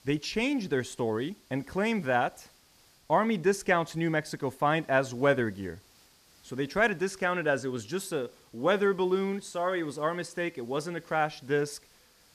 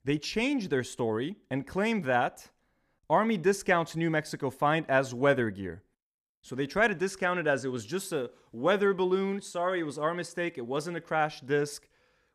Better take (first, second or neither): second